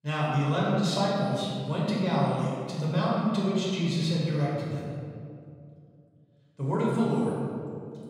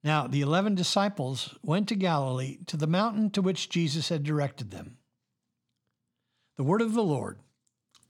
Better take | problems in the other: second | off-mic speech; far // room echo; strong; dies away in 2.1 s

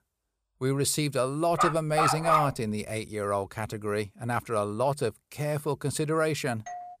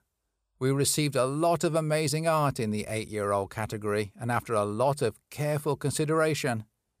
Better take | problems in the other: second | dog barking; loud; at 1.5 s; peak 5 dB above the speech // doorbell; faint; at 6.5 s; peak 10 dB below the speech

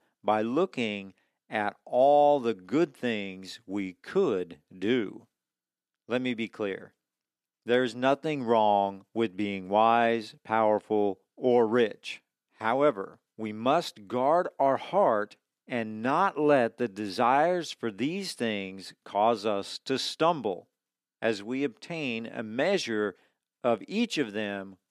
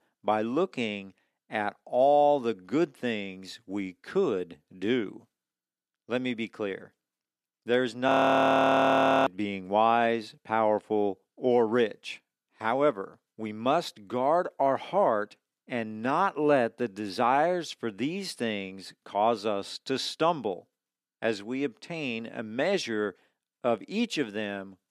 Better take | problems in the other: first | audio freezing; at 8 s for 1 s

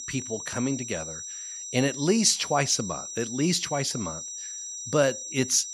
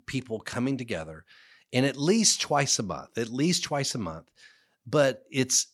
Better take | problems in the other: second | high-pitched whine; loud; throughout; 6 kHz, 8 dB below the speech

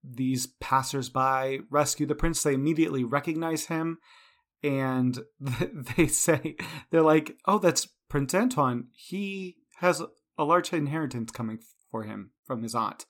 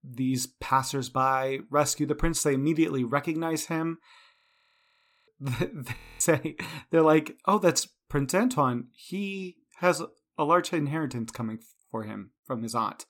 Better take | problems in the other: first | audio freezing; at 4.5 s for 1 s and at 6 s

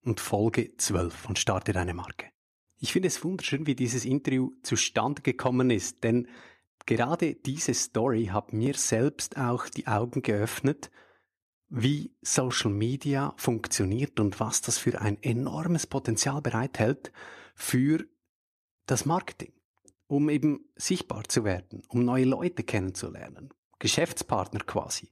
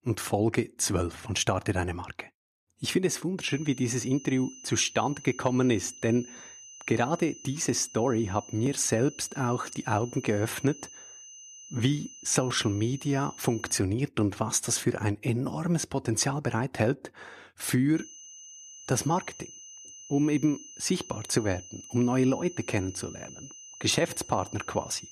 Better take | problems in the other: first | high-pitched whine; noticeable; from 3.5 to 14 s and from 18 s on; 6 kHz, 15 dB below the speech

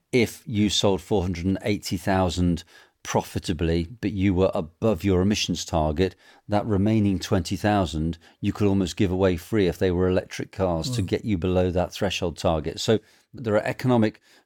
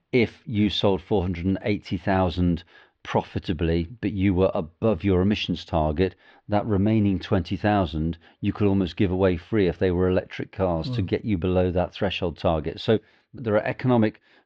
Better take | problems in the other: first | muffled; slightly; fading above 3.5 kHz

